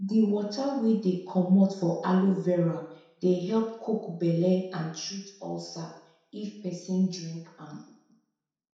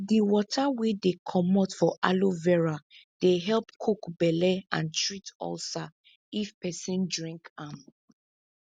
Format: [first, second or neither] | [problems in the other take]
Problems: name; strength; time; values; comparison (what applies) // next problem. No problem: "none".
second | room echo; dies away in 0.7 s